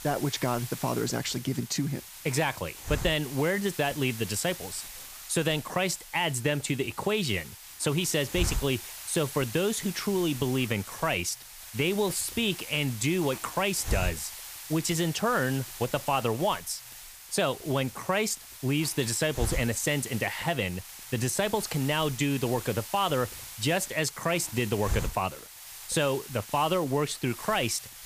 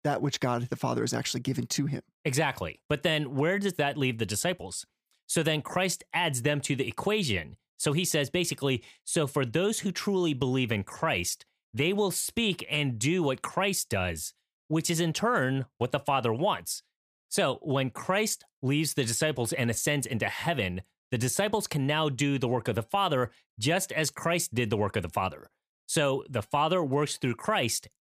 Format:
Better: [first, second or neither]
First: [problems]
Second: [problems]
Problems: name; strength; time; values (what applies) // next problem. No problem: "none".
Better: second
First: hiss; noticeable; throughout; 10 dB below the speech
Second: none